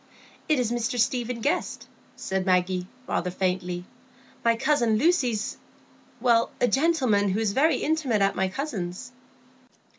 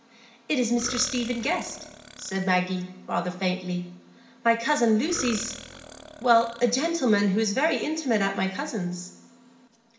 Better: first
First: none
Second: background sound (Burping, eructation); 15 dB below the speech // room echo; dies away in 0.8 s

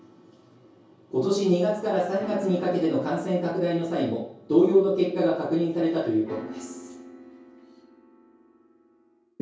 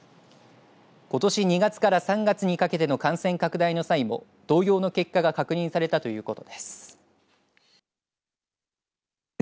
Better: second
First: background sound (Piano); 20 dB below the speech // room echo; dies away in 0.6 s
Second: none

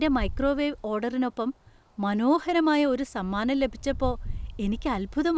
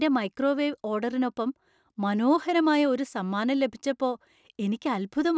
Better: second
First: background sound (Wind); 11 dB below the speech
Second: none

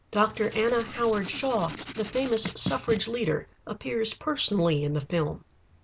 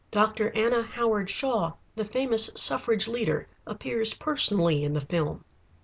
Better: second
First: background sound (Writing); 11 dB below the speech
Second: none

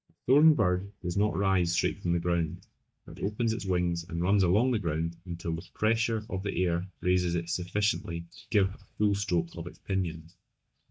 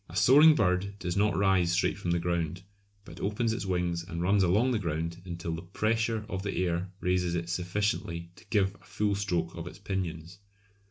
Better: second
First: noise reduction (neural mask model DeepFilterNet 3)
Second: none

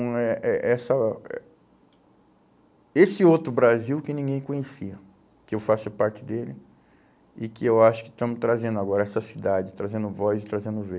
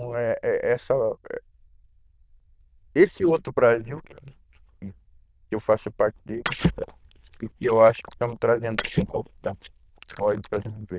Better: first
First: none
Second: noise reduction (neural diffusion model UNIVERSE++)

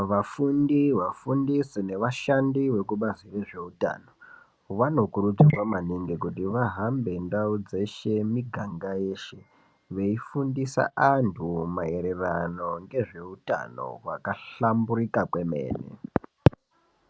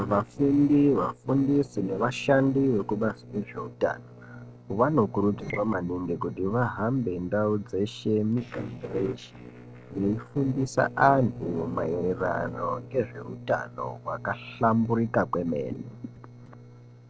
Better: first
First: none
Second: noise reduction (neural separator model SepFormer DNS4)

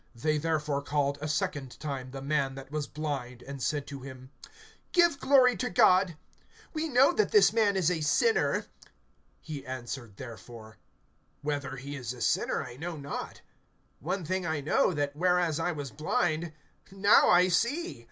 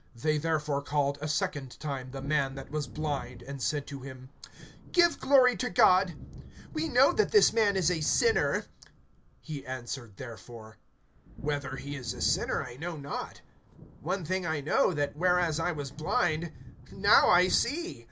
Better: first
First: none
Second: background sound (Thunder / Wind); 16 dB below the speech

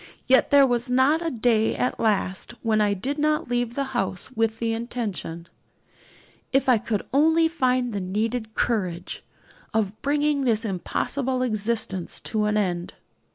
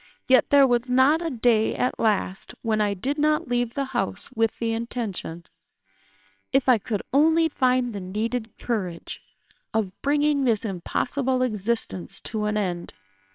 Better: first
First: none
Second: noise reduction (neural separator model SepFormer WHAMR!)

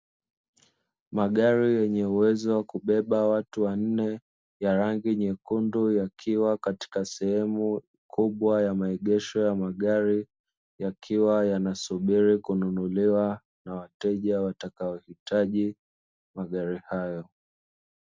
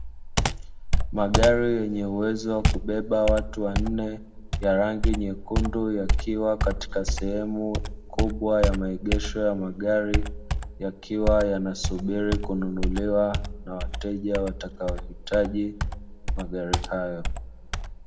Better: first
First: none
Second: background sound (Computer keyboard); 1 dB below the speech // room echo; dies away in 0.6 s

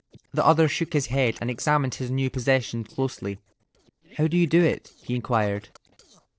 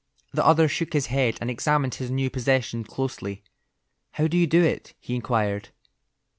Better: second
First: noise reduction (neural separator model SepFormer DNS4)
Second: none

